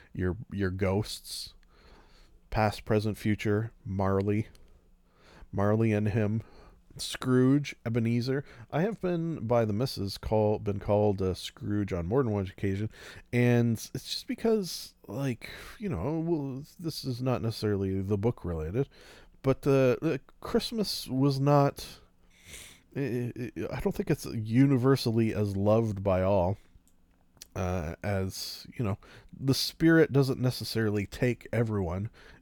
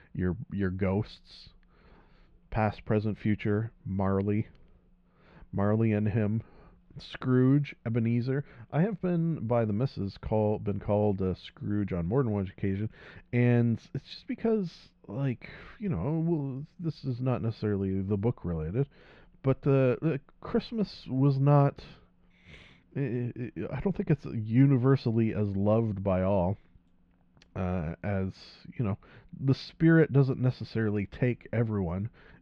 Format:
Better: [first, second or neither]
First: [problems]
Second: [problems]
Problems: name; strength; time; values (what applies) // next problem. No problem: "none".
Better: first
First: none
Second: muffled; slightly; fading above 3 kHz